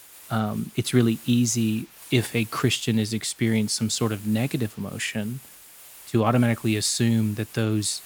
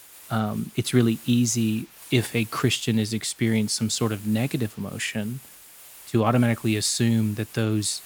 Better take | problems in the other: neither | hiss; noticeable; throughout; 20 dB below the speech; the same in both

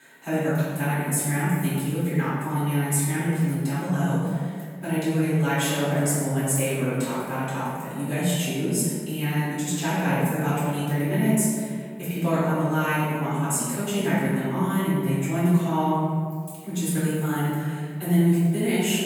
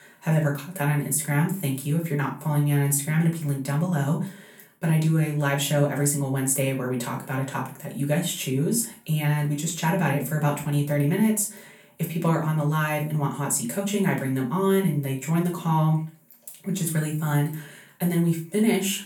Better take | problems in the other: second | room echo; strong; dies away in 1.9 s; slight in the second // off-mic speech; far; far in the second

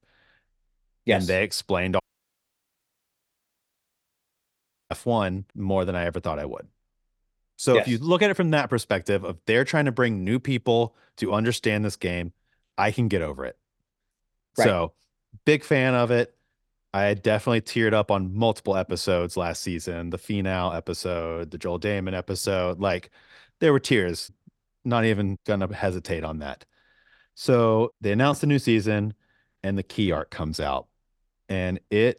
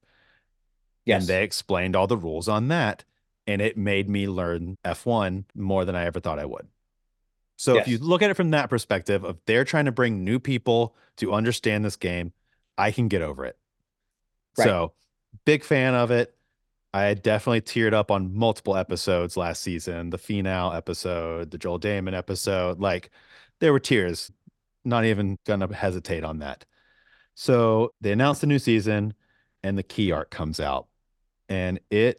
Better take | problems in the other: second | audio cutting out; at 2 s for 3 s

